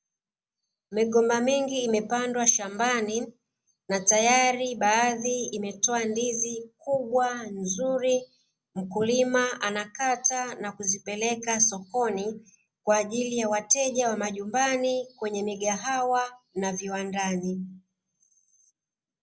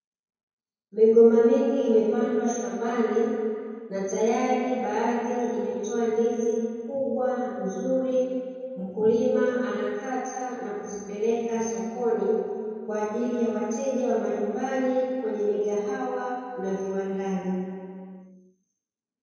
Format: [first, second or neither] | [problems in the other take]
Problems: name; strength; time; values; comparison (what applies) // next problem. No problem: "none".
first | room echo; dies away in 2.2 s